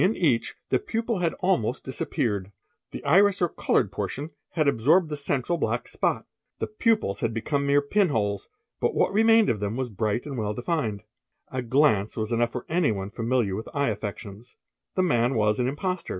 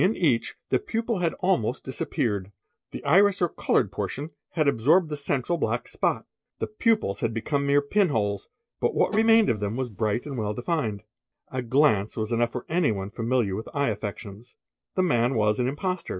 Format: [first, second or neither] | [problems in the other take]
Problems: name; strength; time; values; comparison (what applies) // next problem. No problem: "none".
first | noise reduction (neural separator model SepFormer DNS4)